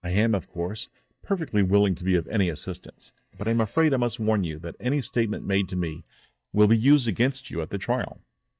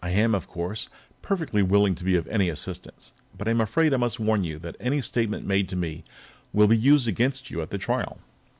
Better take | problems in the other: second | noise reduction (neural mask model DeepFilterNet 3)

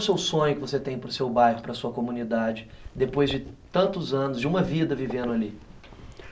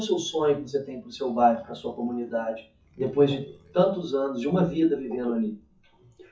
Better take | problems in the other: first | noise reduction (classical method WPE with log-MMSE)

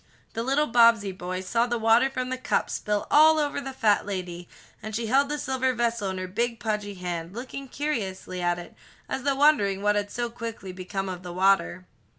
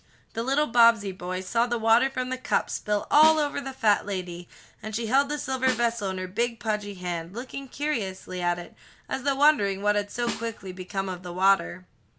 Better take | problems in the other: first | background sound (Snare drum); 13 dB below the speech

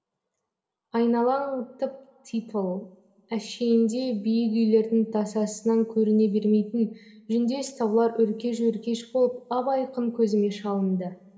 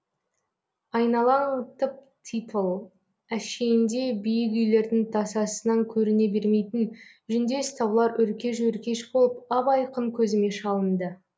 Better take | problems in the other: second | room echo; dies away in 1.2 s

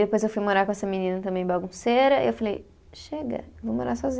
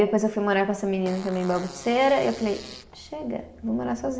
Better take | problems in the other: first | background sound (Fart); 19 dB below the speech // room echo; dies away in 0.8 s

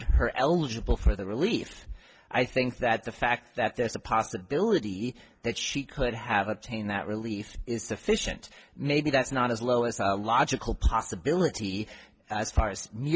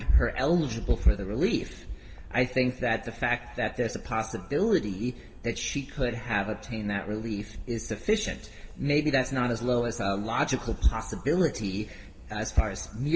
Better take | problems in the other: first | background sound (Bird); 17 dB below the speech // room echo; dies away in 2 s

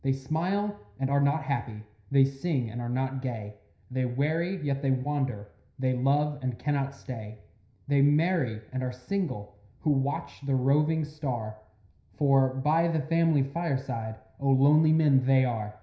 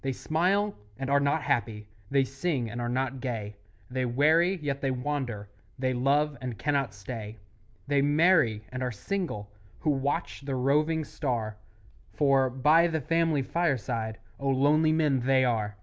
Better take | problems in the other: second | room echo; dies away in 0.5 s

